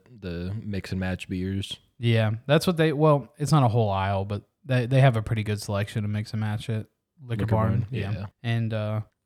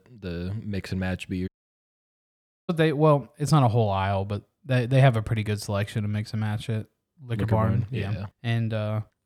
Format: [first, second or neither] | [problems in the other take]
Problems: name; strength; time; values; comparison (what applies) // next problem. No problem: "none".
first | audio cutting out; at 1.5 s for 1 s